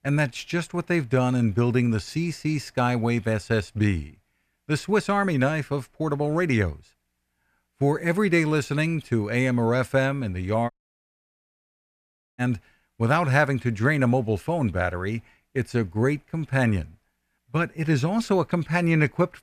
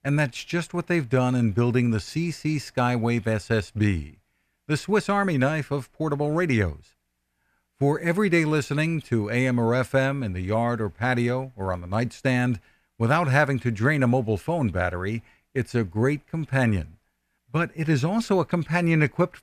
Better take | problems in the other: second | audio cutting out; at 11 s for 1.5 s

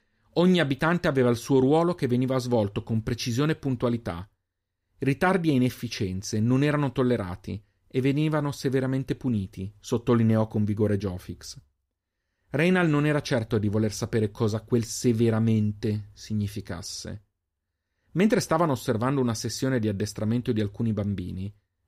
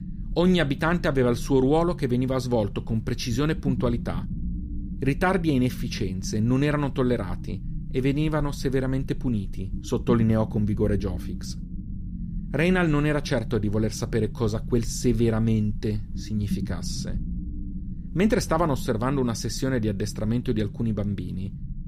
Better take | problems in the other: first | low rumble; noticeable; throughout; 15 dB below the speech

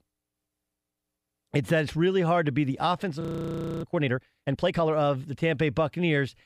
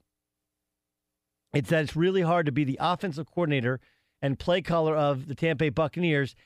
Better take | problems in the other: second | audio freezing; at 3 s for 0.5 s

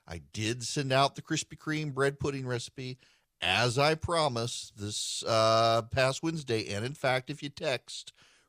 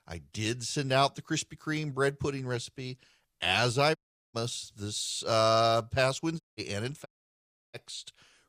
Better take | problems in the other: first | audio cutting out; at 4 s, at 6.5 s and at 7 s for 0.5 s

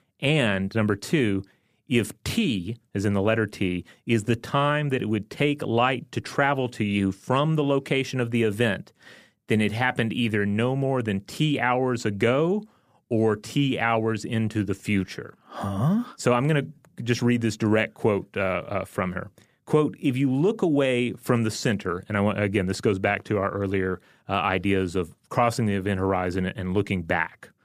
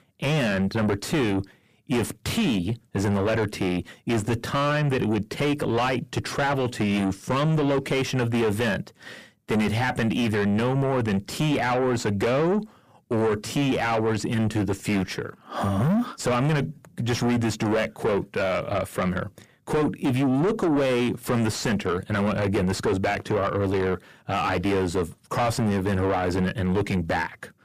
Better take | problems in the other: first | distortion; heavy; 6 dB below the speech

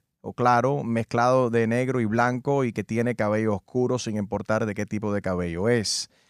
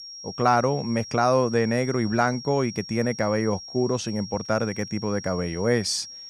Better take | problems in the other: first | high-pitched whine; noticeable; throughout; 5.5 kHz, 15 dB below the speech

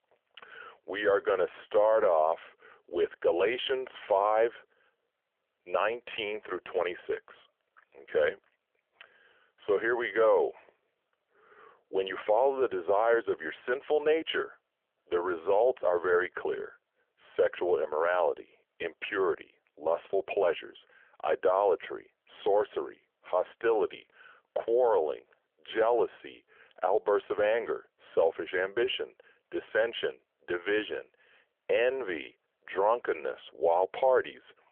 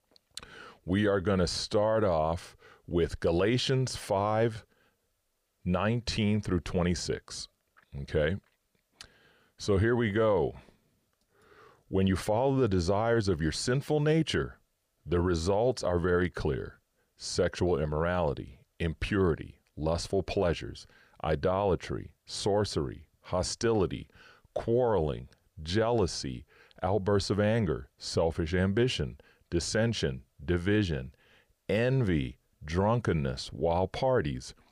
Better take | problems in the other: second | phone-call audio; nothing above 3.5 kHz

